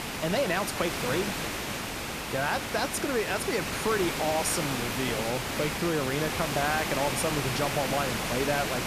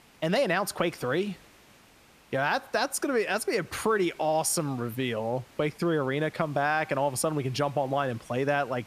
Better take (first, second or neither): second